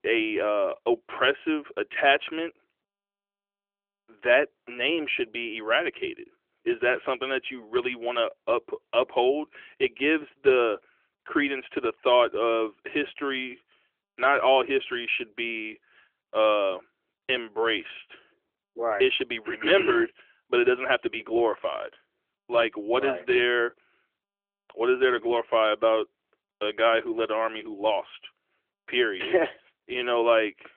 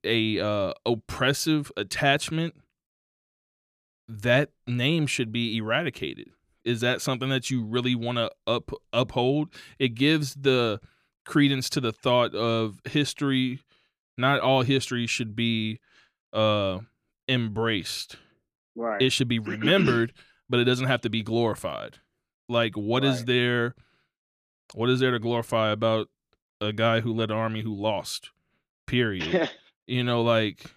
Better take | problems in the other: second | phone-call audio; nothing above 3.5 kHz

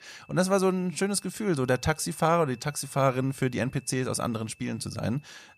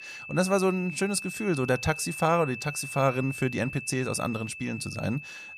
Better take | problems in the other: first | high-pitched whine; loud; throughout; 2.5 kHz, 9 dB below the speech; faint in the first

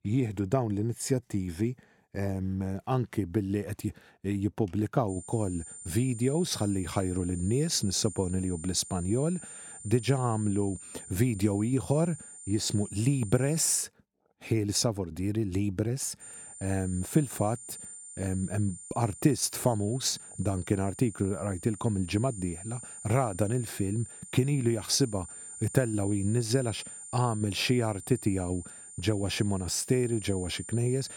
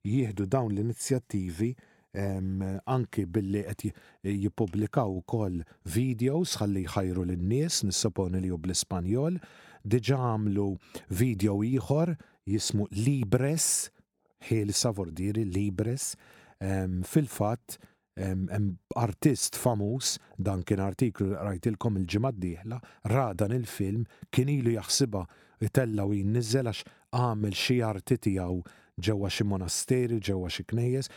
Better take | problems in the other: second | high-pitched whine; noticeable; from 5 to 14 s and from 16 s on; 9 kHz, 15 dB below the speech

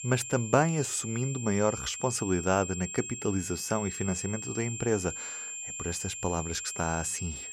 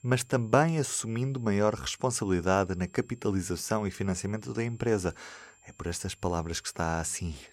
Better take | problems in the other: second | high-pitched whine; loud; throughout; 7.5 kHz, 6 dB below the speech; faint in the second

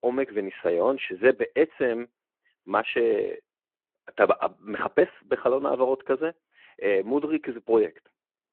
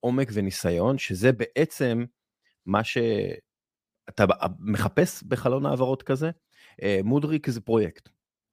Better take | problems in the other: second | phone-call audio

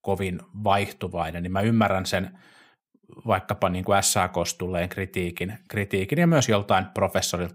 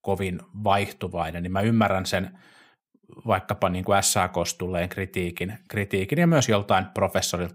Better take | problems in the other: neither | none

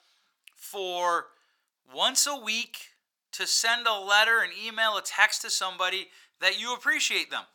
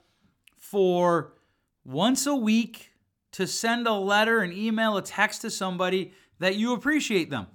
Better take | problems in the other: second | thin; very; fading below 950 Hz

